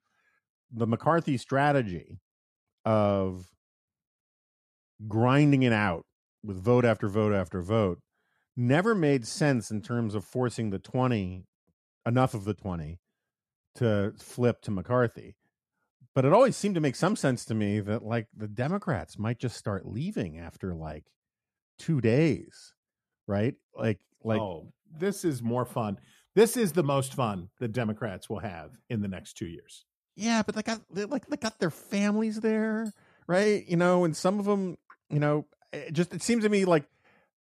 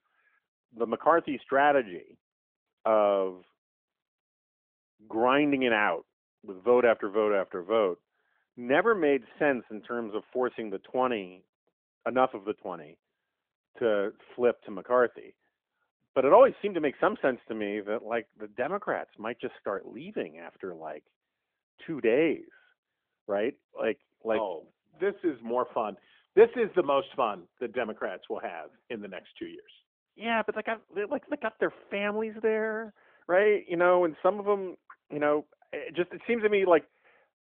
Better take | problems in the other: first | phone-call audio; nothing above 3.5 kHz

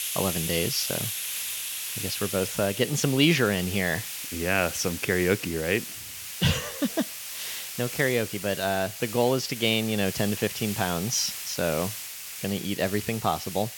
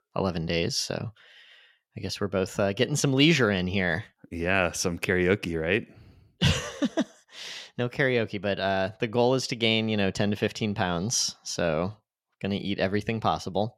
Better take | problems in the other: second | hiss; loud; throughout; 6 dB below the speech

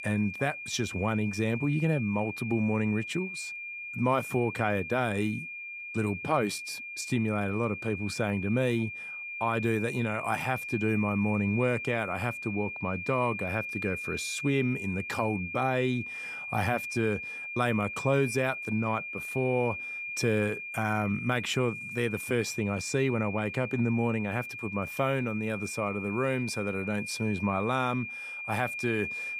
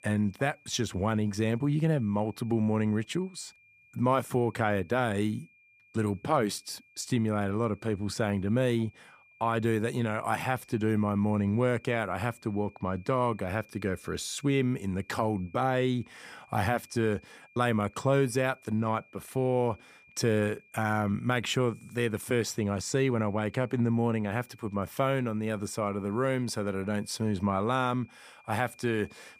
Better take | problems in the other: second | high-pitched whine; loud; throughout; 2.5 kHz, 6 dB below the speech; faint in the second

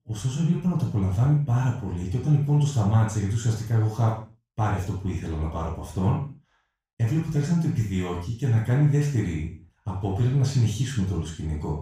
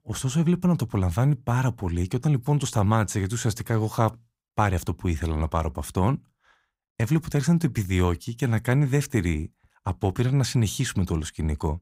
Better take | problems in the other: second | room echo; noticeable; dies away in 0.4 s // off-mic speech; far

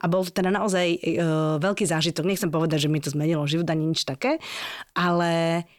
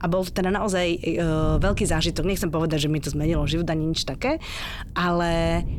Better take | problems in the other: first | wind noise on the microphone; occasional gusts; 20 dB below the speech

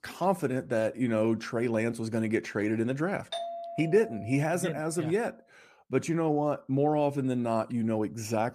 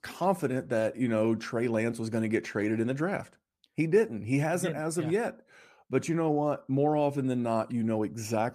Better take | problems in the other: second | doorbell; noticeable; from 3.5 to 5 s; peak 7 dB below the speech

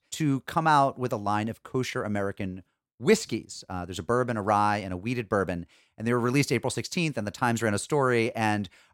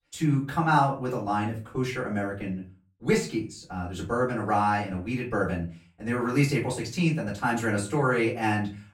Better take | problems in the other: first | off-mic speech; far // room echo; slight; dies away in 0.3 s

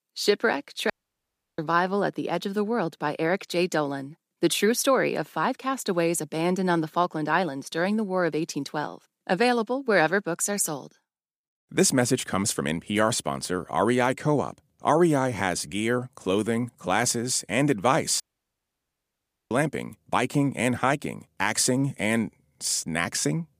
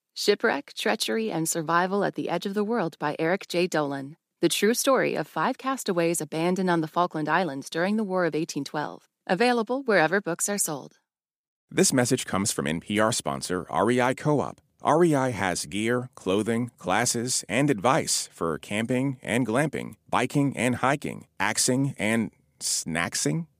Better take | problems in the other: second | audio cutting out; at 1 s for 0.5 s and at 18 s for 1.5 s

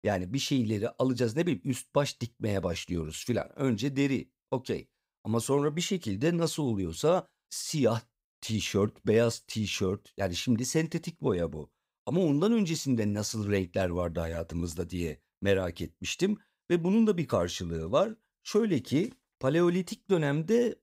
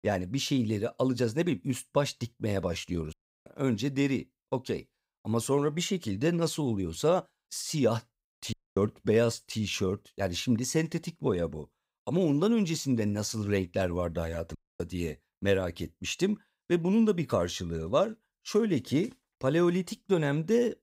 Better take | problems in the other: first | audio cutting out; at 3 s, at 8.5 s and at 15 s

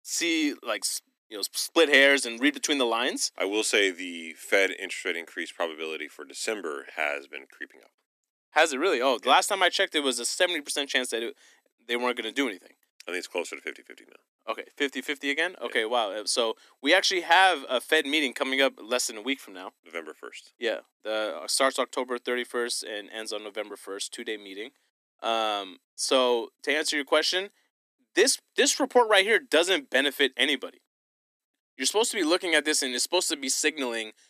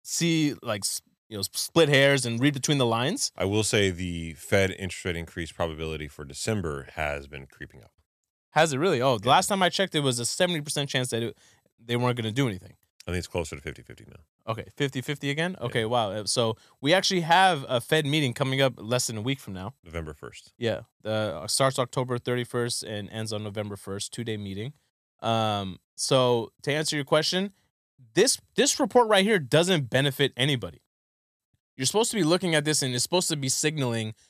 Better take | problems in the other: second | thin; very slightly; fading below 250 Hz

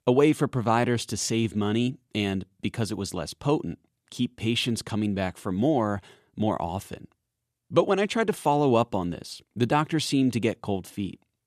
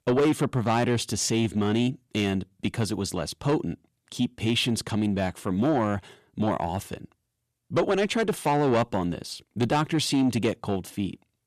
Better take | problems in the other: first | distortion; slight; 10 dB below the speech

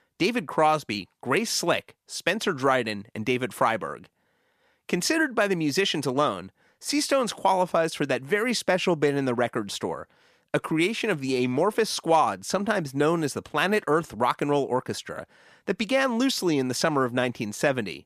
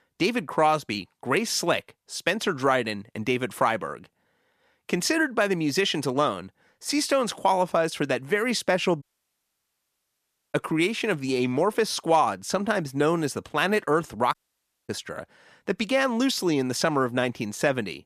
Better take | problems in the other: first | audio cutting out; at 9 s for 1.5 s and at 14 s for 0.5 s

